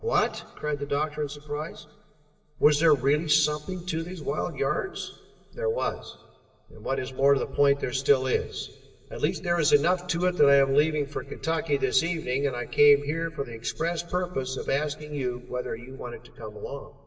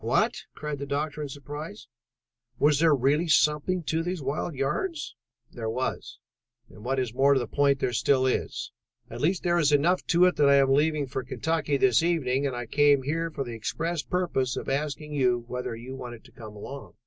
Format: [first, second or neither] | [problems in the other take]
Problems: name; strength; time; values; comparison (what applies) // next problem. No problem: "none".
second | room echo; dies away in 2.1 s